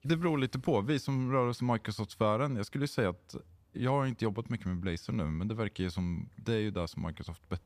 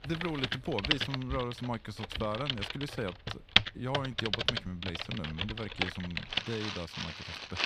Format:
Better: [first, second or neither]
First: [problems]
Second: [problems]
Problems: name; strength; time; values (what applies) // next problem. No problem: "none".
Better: first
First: none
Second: household noises; very loud; throughout; 4 dB above the speech